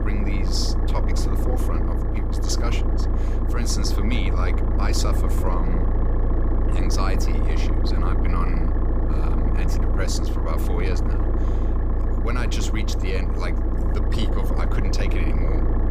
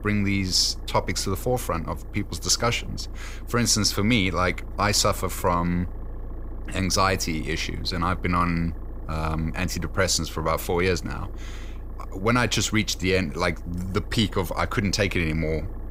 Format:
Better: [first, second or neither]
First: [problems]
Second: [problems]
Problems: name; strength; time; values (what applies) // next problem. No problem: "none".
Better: second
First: low rumble; loud; throughout; 1 dB below the speech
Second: low rumble; faint; throughout; 25 dB below the speech